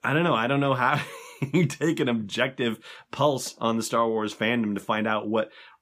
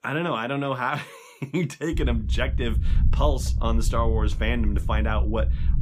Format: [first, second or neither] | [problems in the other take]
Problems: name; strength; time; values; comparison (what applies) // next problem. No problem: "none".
first | low rumble; noticeable; from 2 s on; 15 dB below the speech